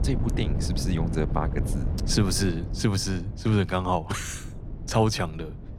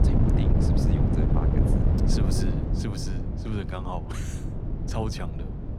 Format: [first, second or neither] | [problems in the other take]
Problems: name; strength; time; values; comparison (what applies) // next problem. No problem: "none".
first | wind noise on the microphone; heavy; 3 dB above the speech; occasional gusts in the first